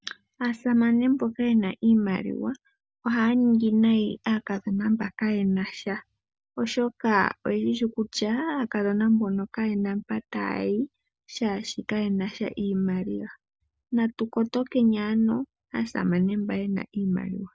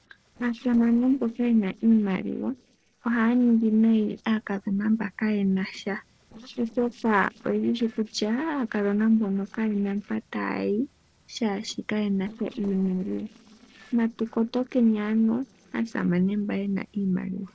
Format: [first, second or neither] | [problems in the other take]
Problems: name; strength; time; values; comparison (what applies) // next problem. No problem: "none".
first | noise reduction (neural separator model SepFormer DNS4)